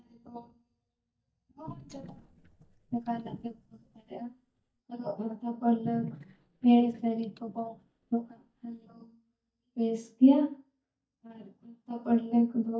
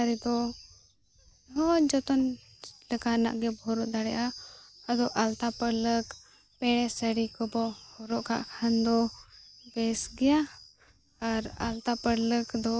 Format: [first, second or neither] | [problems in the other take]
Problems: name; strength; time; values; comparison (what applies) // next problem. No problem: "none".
second | noise reduction (neural mask model DeepFilterNet 3)